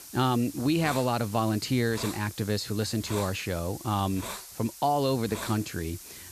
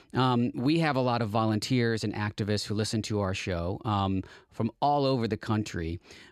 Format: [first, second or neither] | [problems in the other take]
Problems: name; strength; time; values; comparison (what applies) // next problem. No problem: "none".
second | hiss; noticeable; throughout; 10 dB below the speech